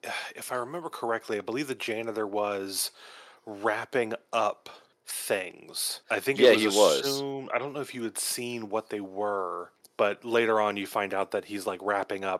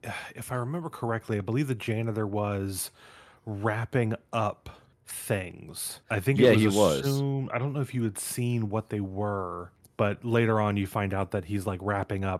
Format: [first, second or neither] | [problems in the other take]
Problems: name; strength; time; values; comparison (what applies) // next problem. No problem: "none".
second | thin; somewhat; fading below 450 Hz